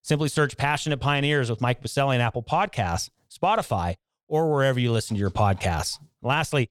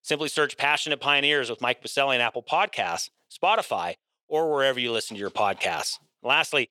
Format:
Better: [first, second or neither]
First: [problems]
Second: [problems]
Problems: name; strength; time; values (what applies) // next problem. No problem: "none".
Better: first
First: none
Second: thin; somewhat; fading below 400 Hz